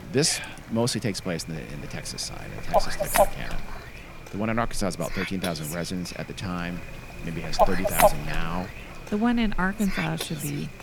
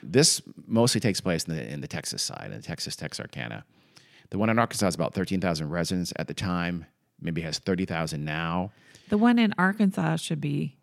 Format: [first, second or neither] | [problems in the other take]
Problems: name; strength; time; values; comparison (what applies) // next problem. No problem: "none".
second | animal sounds; very loud; throughout; 1 dB above the speech